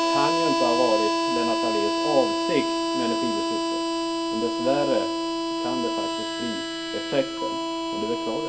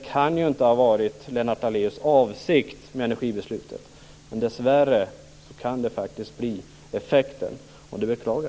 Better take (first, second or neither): second